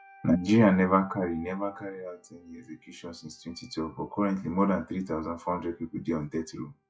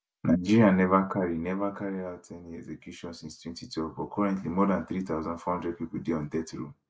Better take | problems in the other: second | noise reduction (classical method log-MMSE)

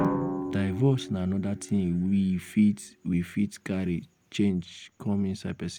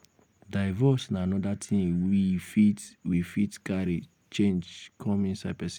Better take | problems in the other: second | background sound (Drum); 9 dB below the speech

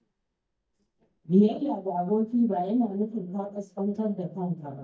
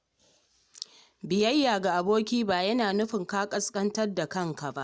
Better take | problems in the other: second | noise reduction (neural mask model DeepFilterNet 3)

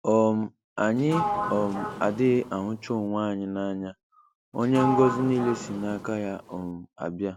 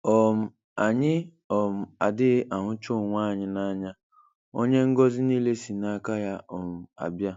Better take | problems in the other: second | background sound (Sliding door); 6 dB below the speech

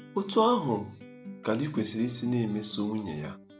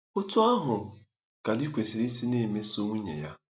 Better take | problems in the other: second | background sound (Acoustic guitar); 16 dB below the speech

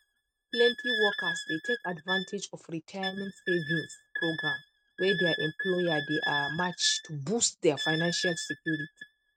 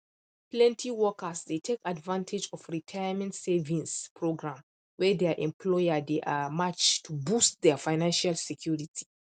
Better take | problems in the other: second | noise reduction (neural mask model RNNoise)

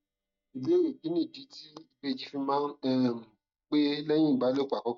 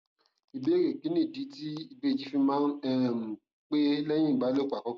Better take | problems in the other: second | noise reduction (neural mask model DeepFilterNet 3)

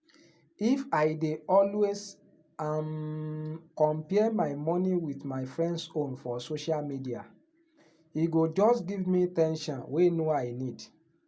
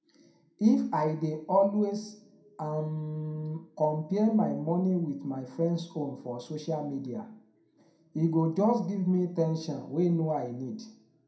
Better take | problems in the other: first | room echo; dies away in 0.4 s

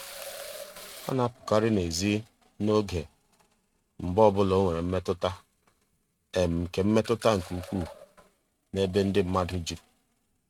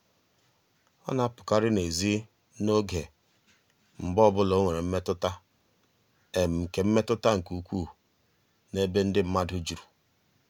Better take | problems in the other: second | noise reduction (neural mask model RNNoise)

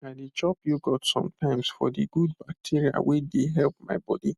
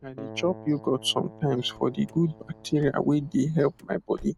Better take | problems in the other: first | background sound (Car + Keyboard (musical)); 19 dB below the speech

